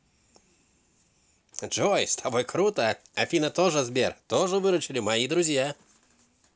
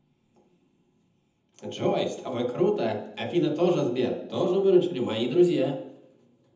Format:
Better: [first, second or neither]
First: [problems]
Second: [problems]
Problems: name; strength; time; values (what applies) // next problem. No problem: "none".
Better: first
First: none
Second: room echo; dies away in 0.8 s